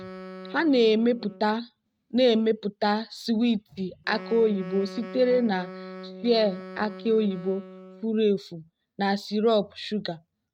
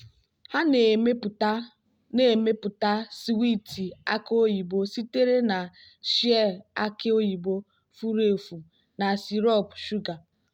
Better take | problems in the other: second | noise reduction (neural mask model RNNoise)

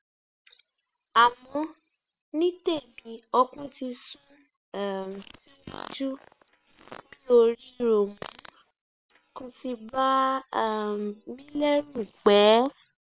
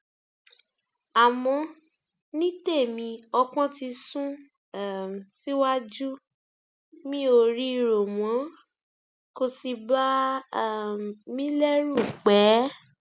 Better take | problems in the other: second | noise reduction (neural separator model SepFormer WHAM!)

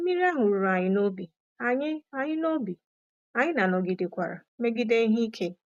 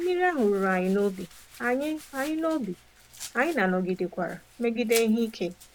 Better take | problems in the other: first | background sound (Domestic sounds, home sounds); 18 dB below the speech

